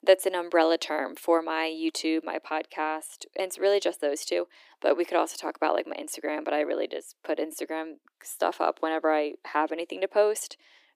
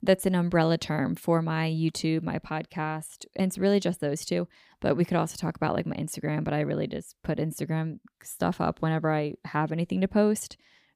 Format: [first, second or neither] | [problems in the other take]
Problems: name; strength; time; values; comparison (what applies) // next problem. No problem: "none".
second | thin; very; fading below 300 Hz